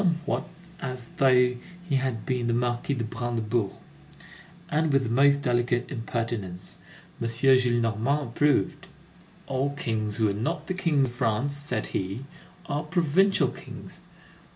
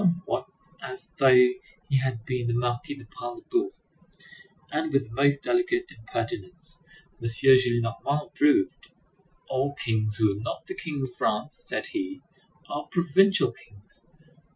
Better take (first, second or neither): first